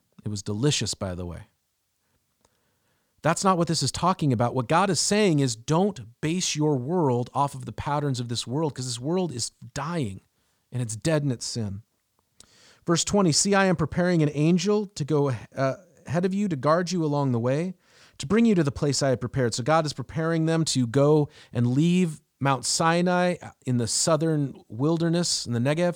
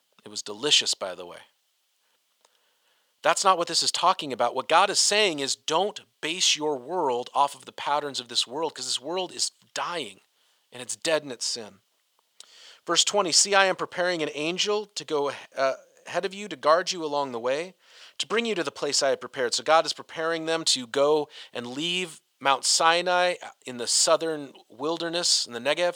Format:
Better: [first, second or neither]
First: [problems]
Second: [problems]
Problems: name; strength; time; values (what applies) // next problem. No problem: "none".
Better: first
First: none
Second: thin; very; fading below 600 Hz